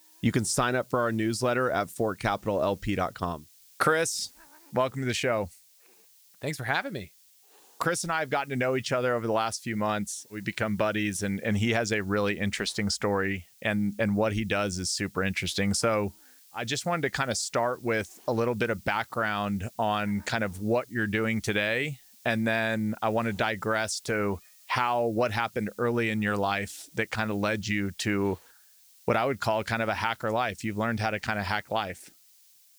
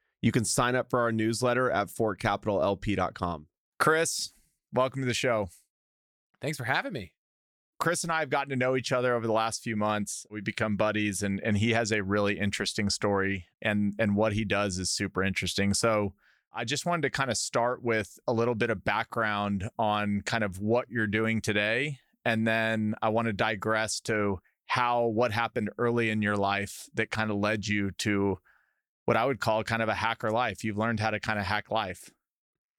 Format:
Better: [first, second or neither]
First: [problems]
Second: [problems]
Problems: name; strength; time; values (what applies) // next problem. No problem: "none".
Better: second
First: hiss; faint; throughout; 25 dB below the speech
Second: none